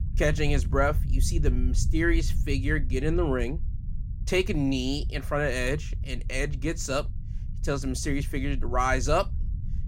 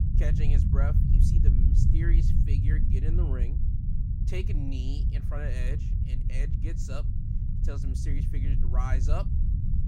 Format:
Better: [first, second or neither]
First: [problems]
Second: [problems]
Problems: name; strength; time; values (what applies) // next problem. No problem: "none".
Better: first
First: low rumble; faint; throughout; 20 dB below the speech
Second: low rumble; loud; throughout; 1 dB below the speech